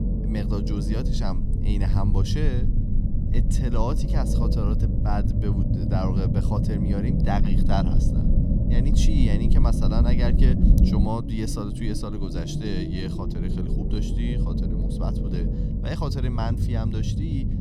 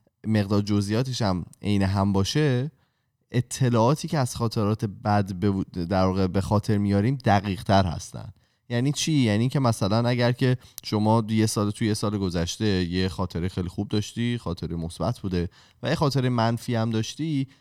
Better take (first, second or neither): second